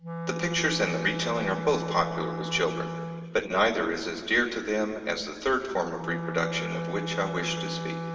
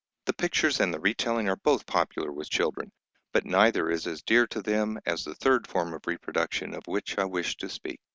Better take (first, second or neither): second